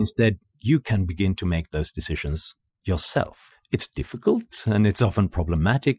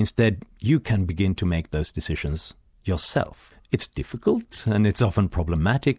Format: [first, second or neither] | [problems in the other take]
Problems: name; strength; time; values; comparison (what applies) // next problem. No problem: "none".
second | noise reduction (classical method Wiener filter)